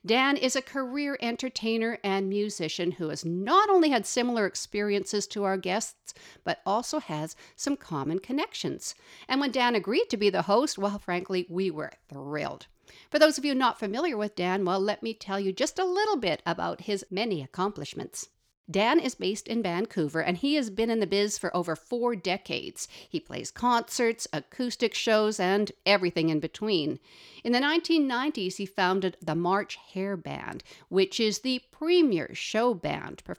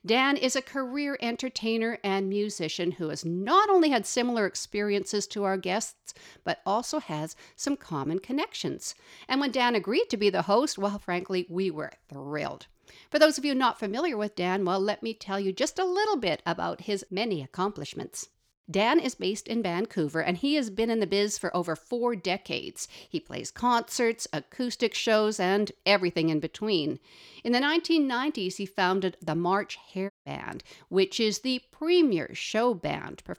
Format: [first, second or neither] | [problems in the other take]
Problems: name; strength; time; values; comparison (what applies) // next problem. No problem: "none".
first | audio cutting out; at 30 s